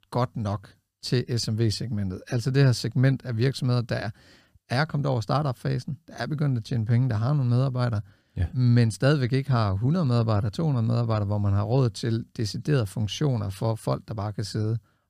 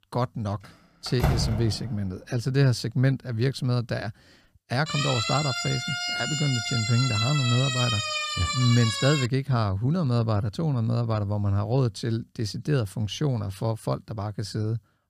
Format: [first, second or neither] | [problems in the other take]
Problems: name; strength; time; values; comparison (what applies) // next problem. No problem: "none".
first | door banging; loud; at 1 s; peak 1 dB above the speech // siren; loud; from 5 to 9.5 s; peak 1 dB above the speech